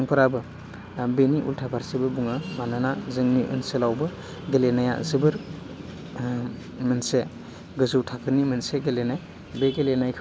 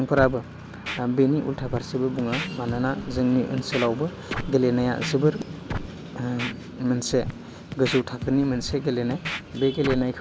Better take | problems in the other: first | background sound (Scratching (performance technique)); 11 dB below the speech

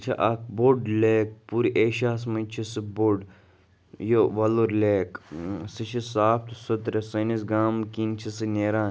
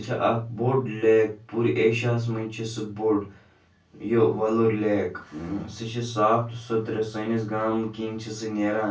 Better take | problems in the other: first | room echo; dies away in 0.2 s

